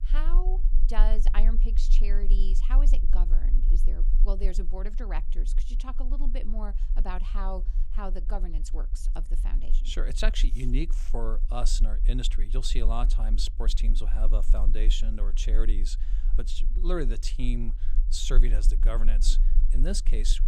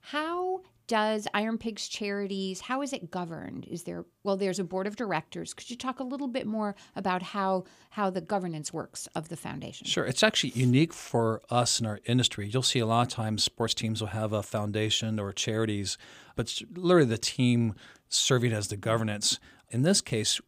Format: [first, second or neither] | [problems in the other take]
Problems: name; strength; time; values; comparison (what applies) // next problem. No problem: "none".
second | low rumble; noticeable; throughout; 15 dB below the speech